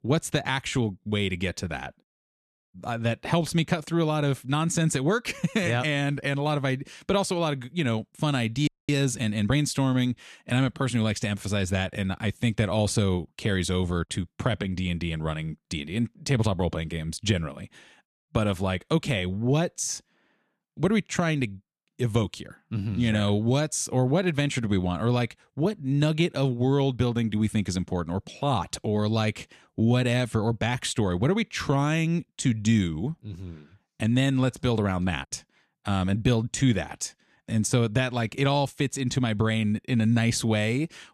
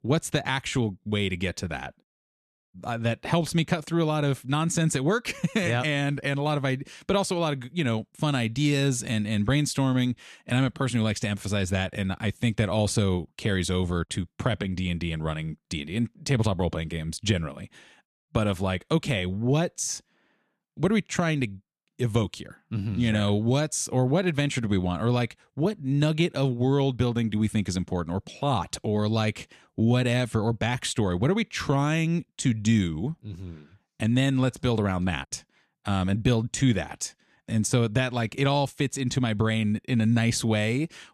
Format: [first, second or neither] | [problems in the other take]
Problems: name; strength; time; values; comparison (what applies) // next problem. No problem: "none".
second | audio freezing; at 8.5 s